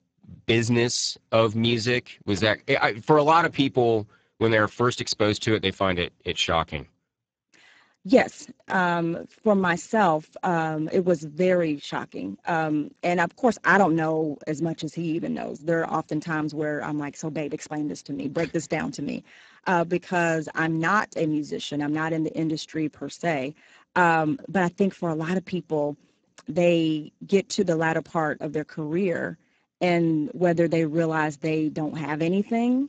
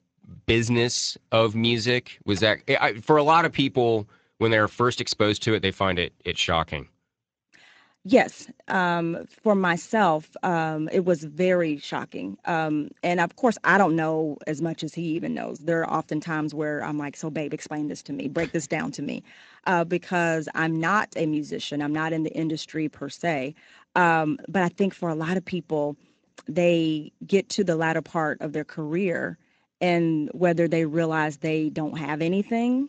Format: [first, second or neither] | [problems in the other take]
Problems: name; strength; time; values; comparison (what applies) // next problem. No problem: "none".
second | garbled, watery; badly; nothing above 7.5 kHz; slightly in the second